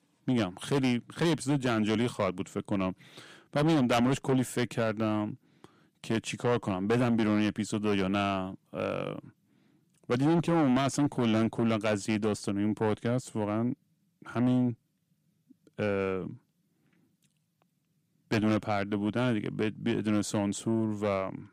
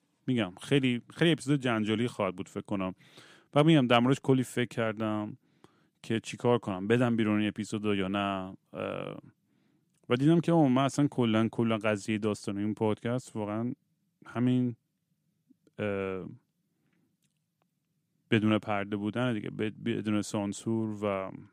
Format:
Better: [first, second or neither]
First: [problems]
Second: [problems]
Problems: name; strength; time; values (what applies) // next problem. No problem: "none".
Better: second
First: distortion; heavy; 8 dB below the speech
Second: none